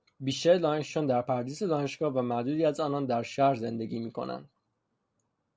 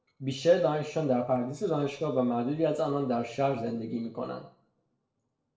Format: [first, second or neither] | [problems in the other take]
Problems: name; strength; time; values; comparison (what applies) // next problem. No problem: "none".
first | noise reduction (neural separator model SepFormer DNS4)